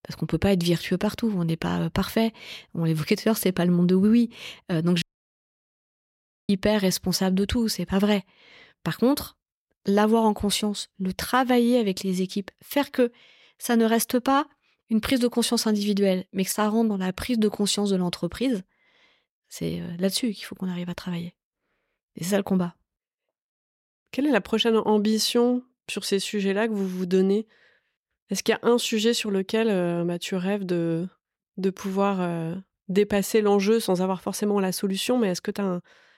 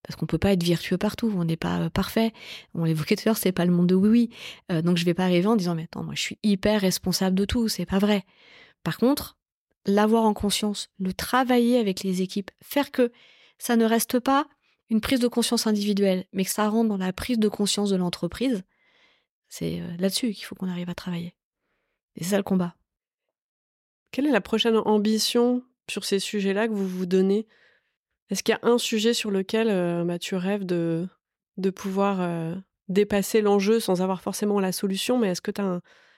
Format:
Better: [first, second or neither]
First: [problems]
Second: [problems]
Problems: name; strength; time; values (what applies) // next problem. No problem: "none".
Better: second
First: audio cutting out; at 5 s for 1.5 s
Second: none